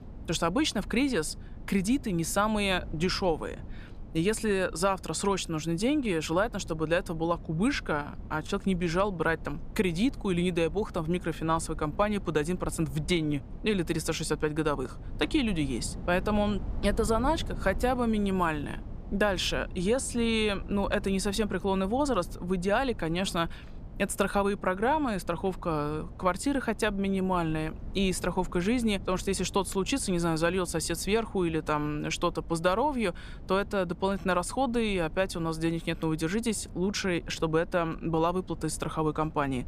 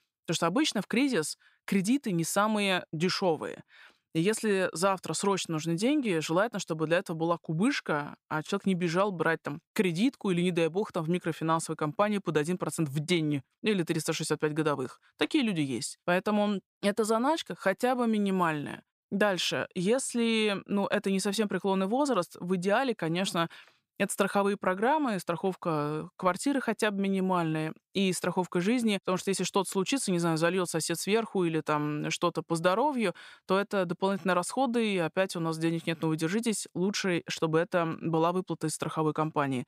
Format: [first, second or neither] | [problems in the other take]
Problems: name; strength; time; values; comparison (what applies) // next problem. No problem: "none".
second | low rumble; faint; throughout; 25 dB below the speech